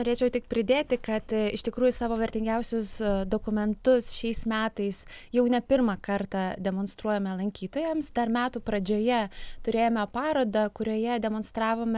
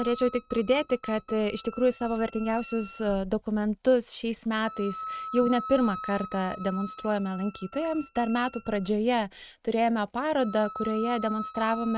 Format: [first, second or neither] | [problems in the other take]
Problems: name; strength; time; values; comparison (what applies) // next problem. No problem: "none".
first | noise reduction (neural mask model RNNoise)